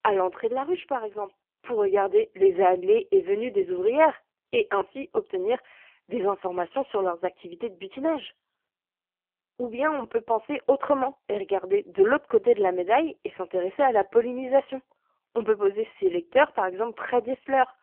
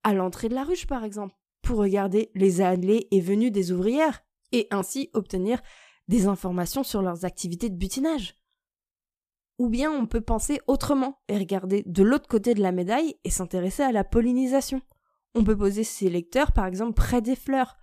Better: second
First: phone-call audio; poor line; nothing above 3 kHz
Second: none

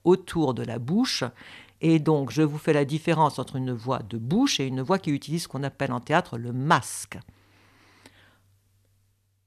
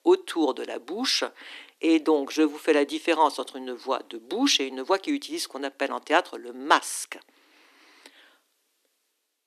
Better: first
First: none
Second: thin; somewhat; fading below 300 Hz

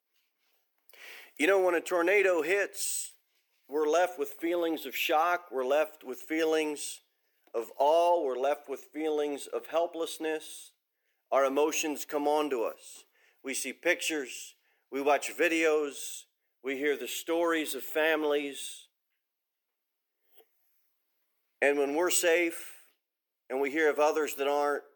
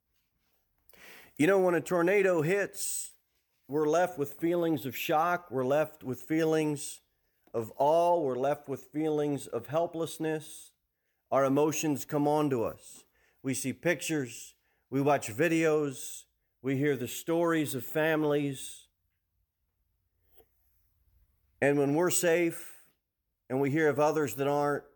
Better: second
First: thin; somewhat; fading below 350 Hz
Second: none

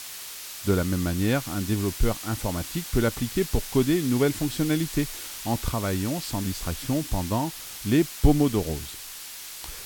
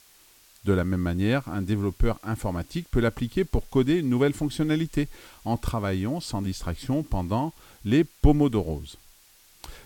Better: second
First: hiss; loud; throughout; 9 dB below the speech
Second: hiss; faint; throughout; 25 dB below the speech

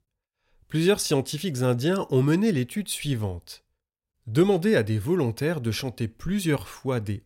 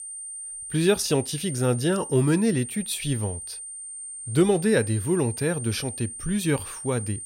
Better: first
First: none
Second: high-pitched whine; loud; throughout; 9 kHz, 9 dB below the speech

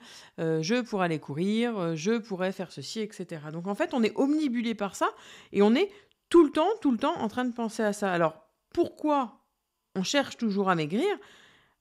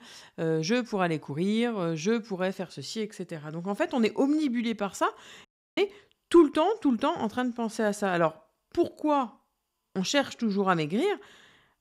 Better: first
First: none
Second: audio cutting out; at 5.5 s

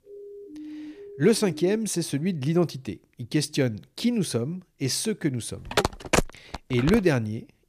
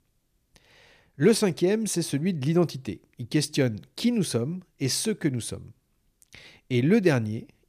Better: second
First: siren; faint; until 2 s; peak 15 dB below the speech // phone ringing; loud; from 5.5 to 7 s; peak 1 dB above the speech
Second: none

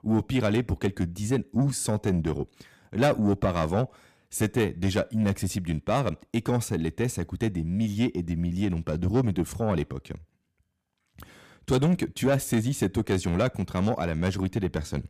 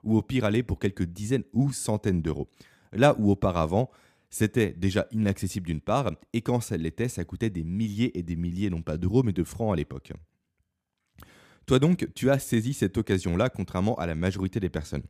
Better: second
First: distortion; slight; 10 dB below the speech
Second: none

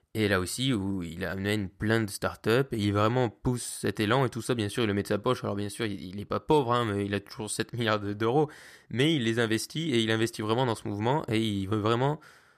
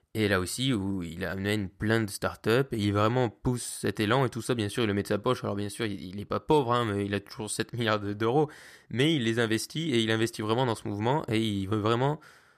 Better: neither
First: none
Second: none

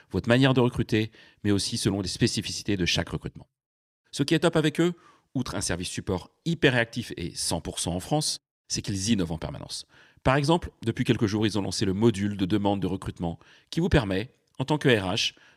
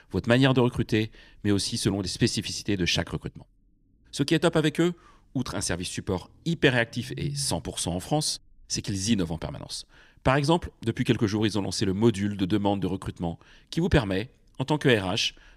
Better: first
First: none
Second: low rumble; faint; throughout; 25 dB below the speech

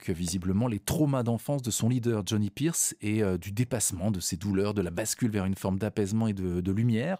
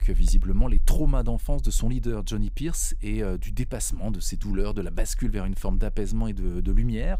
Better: first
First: none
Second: low rumble; faint; throughout; 25 dB below the speech

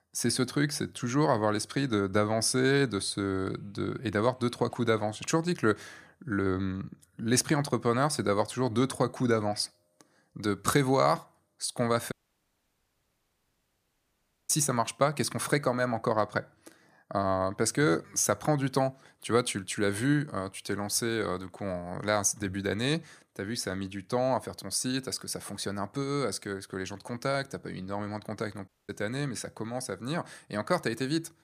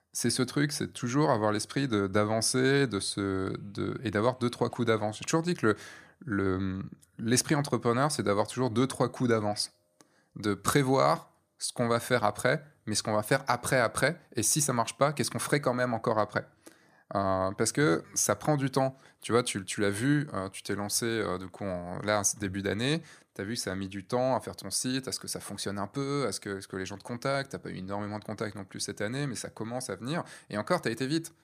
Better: second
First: audio cutting out; at 12 s for 2.5 s and at 29 s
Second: none

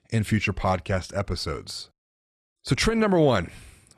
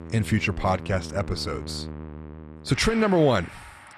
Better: first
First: none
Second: background music; noticeable; throughout; 15 dB below the speech

